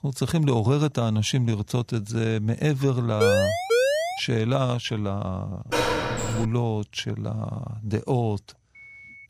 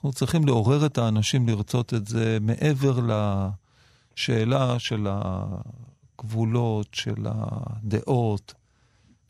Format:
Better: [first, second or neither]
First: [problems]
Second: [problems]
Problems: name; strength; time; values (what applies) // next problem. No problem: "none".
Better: second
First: siren; loud; at 3 s; peak 4 dB above the speech // door banging; loud; at 5.5 s; peak 2 dB above the speech // phone ringing; faint; at 9 s; peak 20 dB below the speech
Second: none